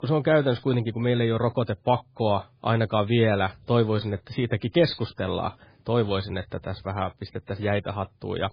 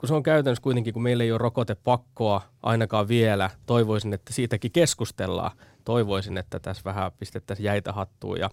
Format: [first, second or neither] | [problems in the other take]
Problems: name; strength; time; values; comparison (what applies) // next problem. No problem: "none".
second | garbled, watery; badly; nothing above 4.5 kHz